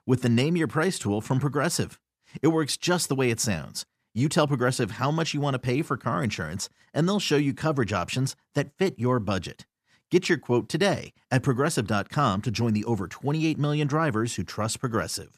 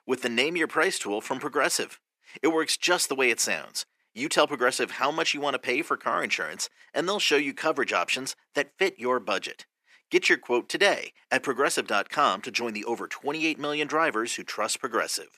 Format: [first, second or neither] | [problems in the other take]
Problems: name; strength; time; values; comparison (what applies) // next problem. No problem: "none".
first | thin; somewhat; fading below 350 Hz